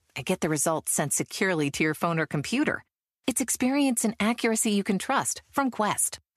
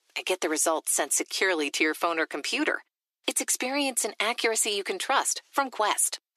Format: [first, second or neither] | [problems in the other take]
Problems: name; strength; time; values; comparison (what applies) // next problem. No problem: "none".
first | thin; somewhat; fading below 350 Hz